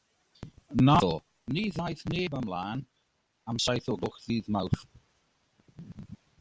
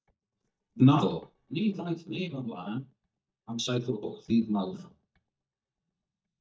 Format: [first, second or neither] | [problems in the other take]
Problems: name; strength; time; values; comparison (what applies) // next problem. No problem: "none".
first | noise reduction (neural mask model DeepFilterNet 3)